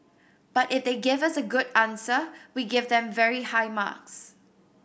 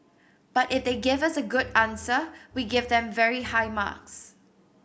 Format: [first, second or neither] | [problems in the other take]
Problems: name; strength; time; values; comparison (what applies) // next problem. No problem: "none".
first | background sound (Bowed string instrument); 18 dB below the speech